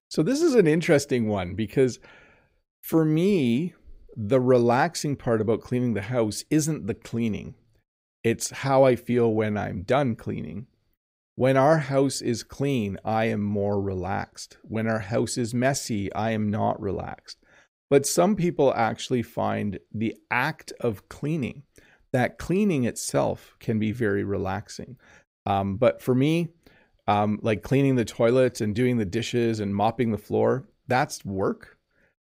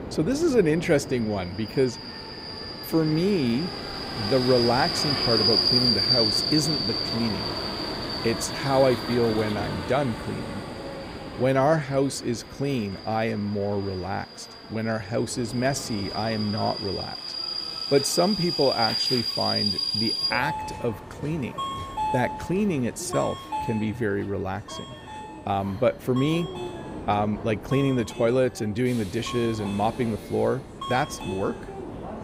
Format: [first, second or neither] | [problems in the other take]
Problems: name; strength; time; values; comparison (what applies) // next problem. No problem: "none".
first | train or aircraft noise; loud; throughout; 2 dB below the speech